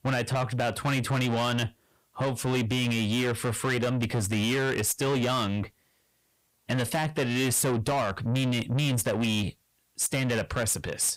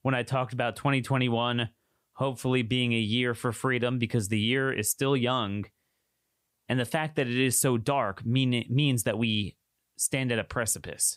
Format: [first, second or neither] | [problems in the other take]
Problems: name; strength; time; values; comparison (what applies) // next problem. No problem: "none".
second | distortion; heavy; 7 dB below the speech